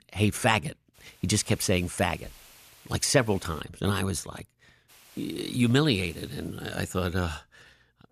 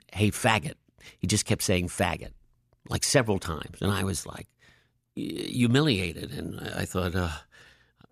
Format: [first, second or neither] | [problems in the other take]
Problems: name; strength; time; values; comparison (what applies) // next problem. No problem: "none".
second | hiss; faint; from 1 to 3.5 s and from 5 to 7 s; 25 dB below the speech